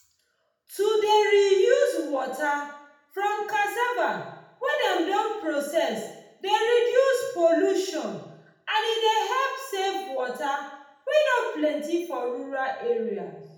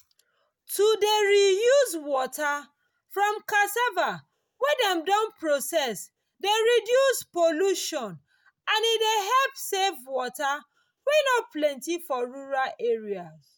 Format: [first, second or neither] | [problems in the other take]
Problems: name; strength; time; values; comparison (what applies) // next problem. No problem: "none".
second | room echo; dies away in 0.8 s